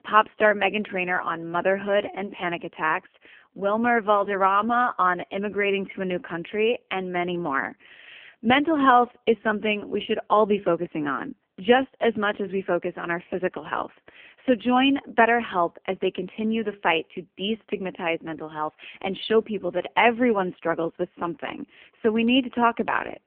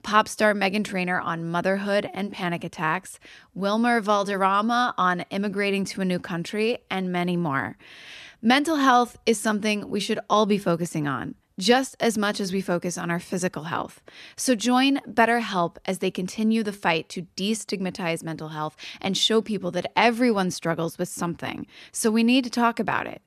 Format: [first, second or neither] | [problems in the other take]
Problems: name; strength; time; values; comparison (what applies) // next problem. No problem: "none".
second | phone-call audio; poor line; nothing above 3 kHz